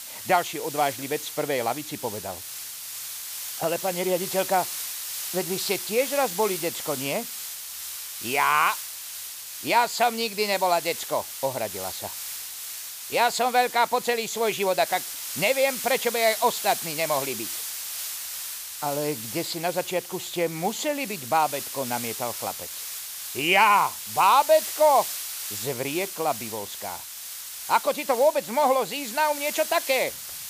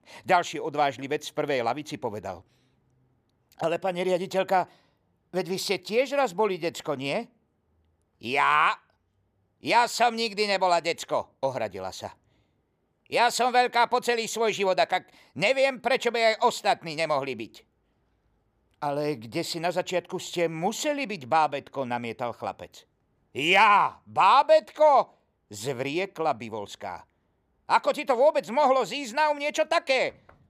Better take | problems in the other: second | hiss; loud; throughout; 7 dB below the speech

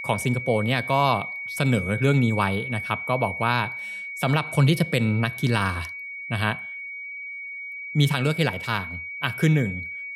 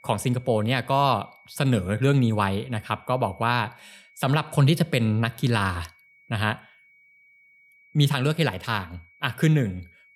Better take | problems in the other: second | high-pitched whine; loud; throughout; 2.5 kHz, 8 dB below the speech; faint in the second

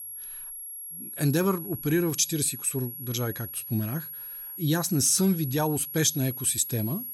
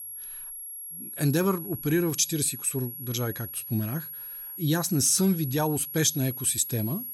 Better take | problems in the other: neither | high-pitched whine; loud; throughout; 11.5 kHz, 9 dB below the speech; the same in both

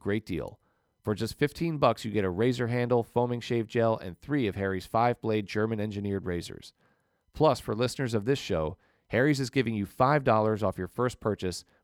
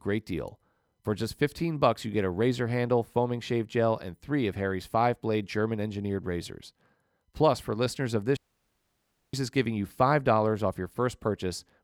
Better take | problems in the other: first | audio cutting out; at 8.5 s for 1 s

